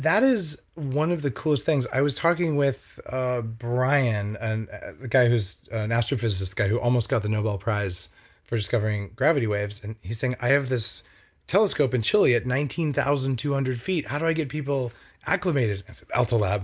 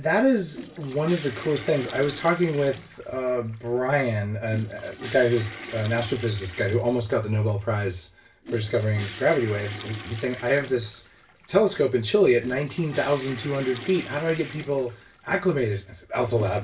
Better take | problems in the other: first | background sound (Toilet flush / Water); 17 dB below the speech // room echo; dies away in 0.2 s

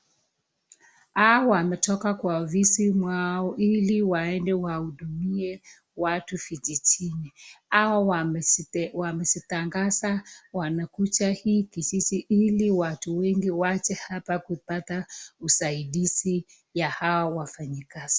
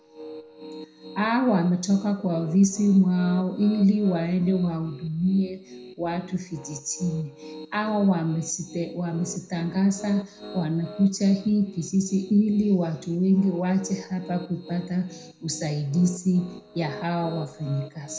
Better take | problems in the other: first | background sound (Piano); 17 dB below the speech // room echo; dies away in 0.4 s

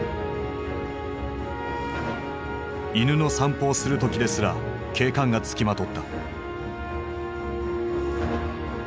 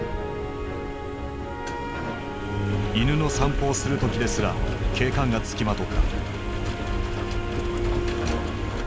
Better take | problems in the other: first | background sound (Engine); 1 dB below the speech

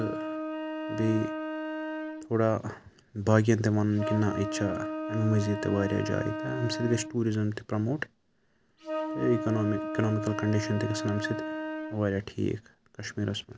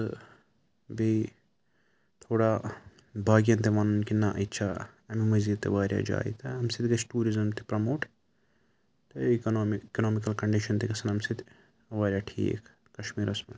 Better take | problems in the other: second | background sound (Wind instrument, woodwind instrument); 6 dB below the speech

